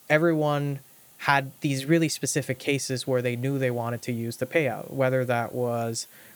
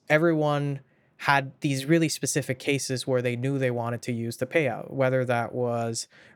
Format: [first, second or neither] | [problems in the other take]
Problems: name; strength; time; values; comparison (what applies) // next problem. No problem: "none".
second | hiss; faint; throughout; 25 dB below the speech